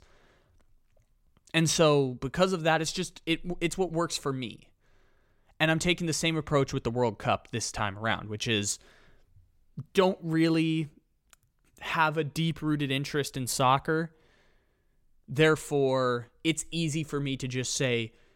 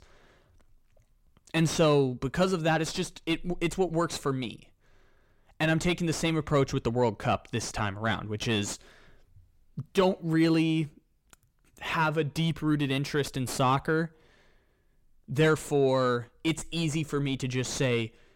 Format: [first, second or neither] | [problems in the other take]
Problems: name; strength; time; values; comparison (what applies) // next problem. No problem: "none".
first | distortion; slight; 10 dB below the speech